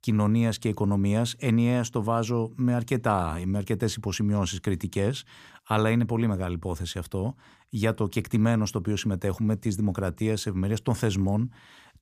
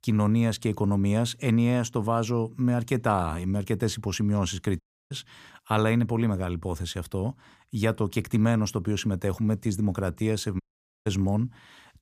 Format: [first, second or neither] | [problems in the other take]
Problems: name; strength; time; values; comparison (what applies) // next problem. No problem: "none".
first | audio cutting out; at 5 s and at 11 s